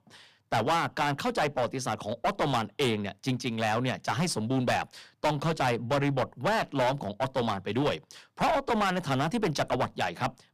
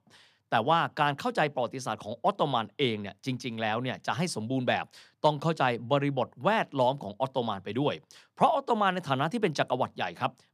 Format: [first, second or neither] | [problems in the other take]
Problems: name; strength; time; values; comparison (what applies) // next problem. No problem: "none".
second | distortion; heavy; 13% of the sound clipped